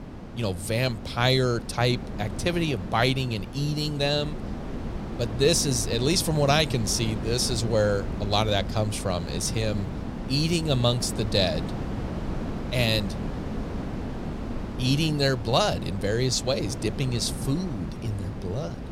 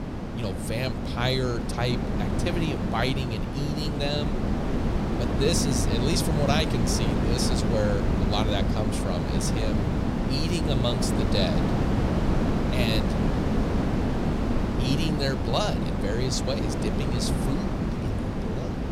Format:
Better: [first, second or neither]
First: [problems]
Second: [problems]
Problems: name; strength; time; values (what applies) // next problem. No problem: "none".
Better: first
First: wind noise on the microphone; occasional gusts; 10 dB below the speech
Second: wind noise on the microphone; heavy; 1 dB below the speech